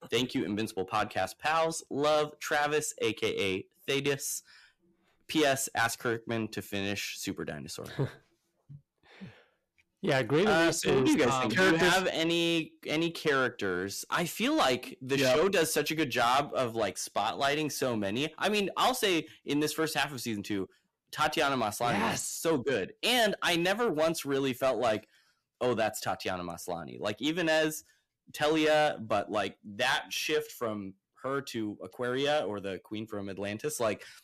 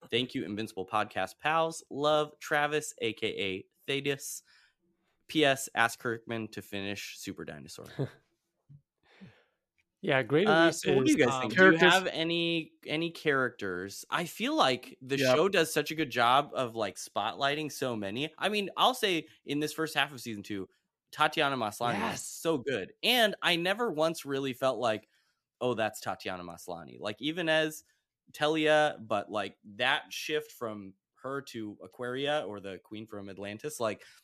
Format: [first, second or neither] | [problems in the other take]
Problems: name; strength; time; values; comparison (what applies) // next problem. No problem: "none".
second | distortion; heavy; 8 dB below the speech